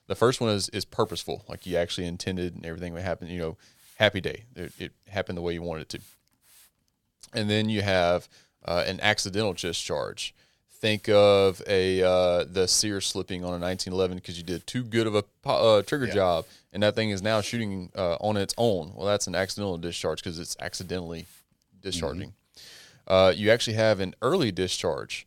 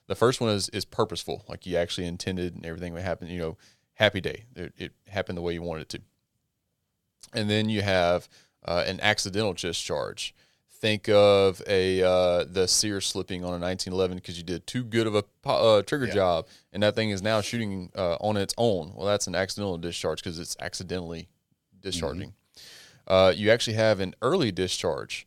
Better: second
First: hiss; faint; throughout; 30 dB below the speech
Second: none

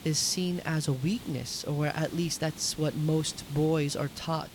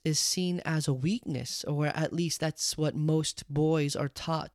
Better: second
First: hiss; noticeable; throughout; 15 dB below the speech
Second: none

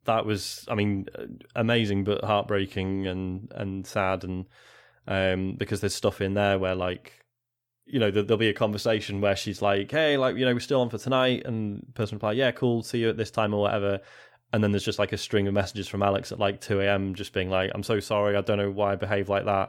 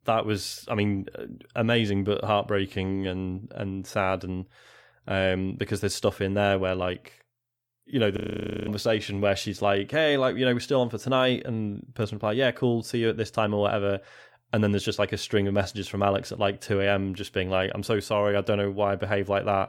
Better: first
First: none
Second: audio freezing; at 8 s for 0.5 s

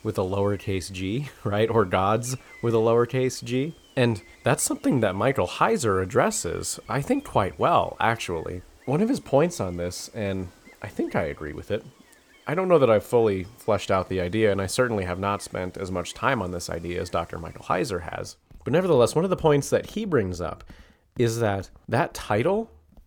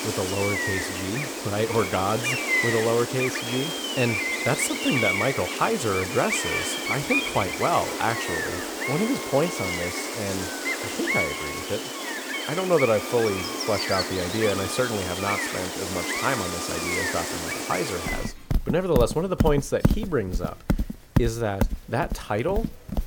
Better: first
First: animal sounds; faint; throughout; 30 dB below the speech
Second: animal sounds; loud; throughout; as loud as the speech

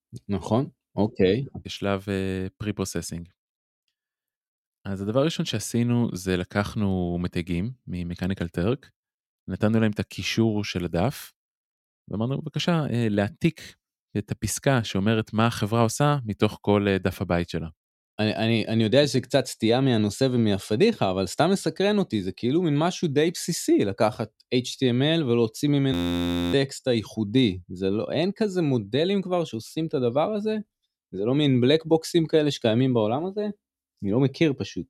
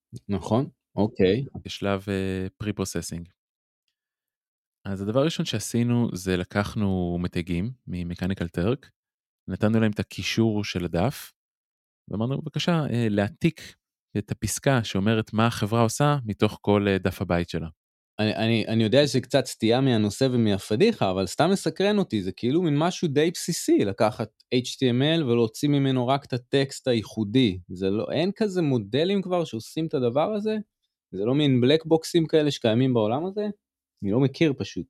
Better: second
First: audio freezing; at 26 s for 0.5 s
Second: none

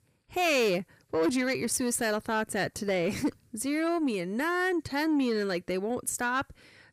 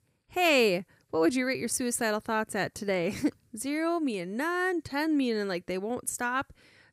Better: second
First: distortion; slight; 10 dB below the speech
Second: none

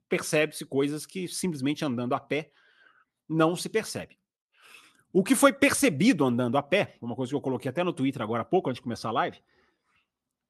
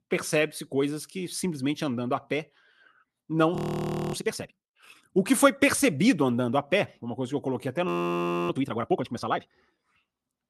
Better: first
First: none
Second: audio freezing; at 3.5 s for 0.5 s and at 8 s for 0.5 s

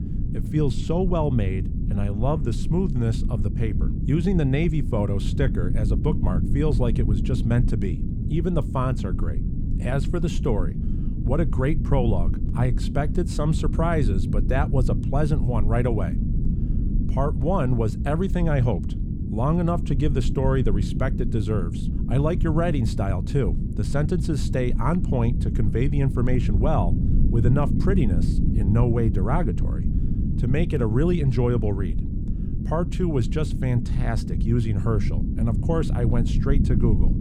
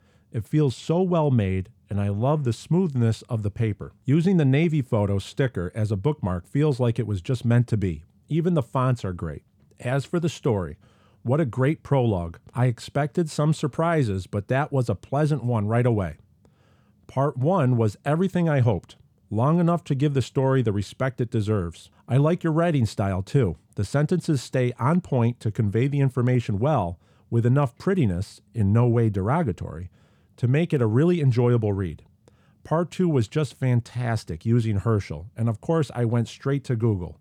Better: second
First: low rumble; loud; throughout; 8 dB below the speech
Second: none

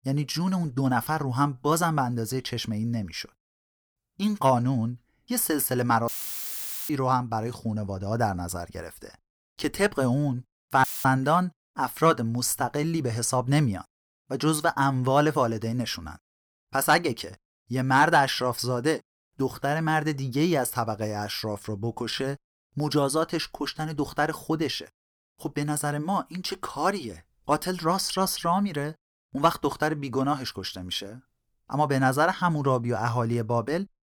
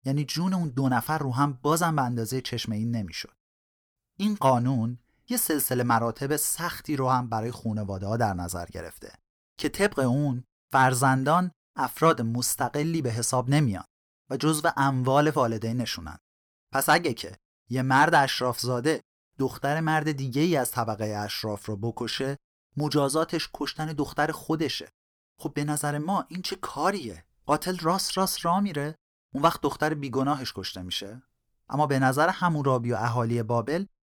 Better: second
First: audio cutting out; filled with static; at 6 s for 1 s and at 11 s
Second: none

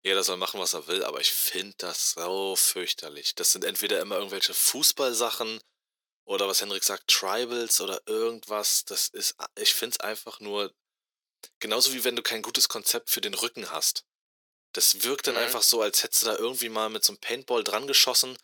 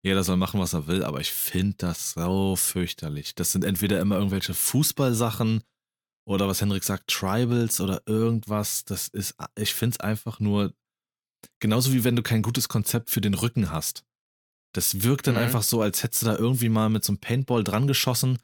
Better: second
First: thin; very; fading below 400 Hz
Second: none

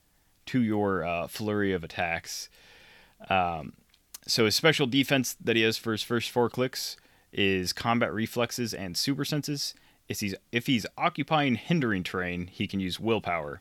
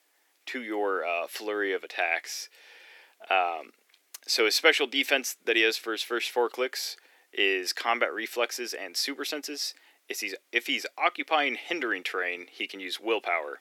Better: first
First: none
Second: thin; very; fading below 350 Hz

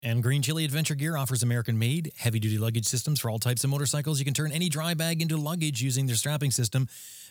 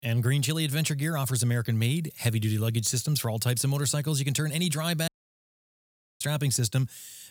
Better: first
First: none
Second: audio cutting out; at 5 s for 1 s

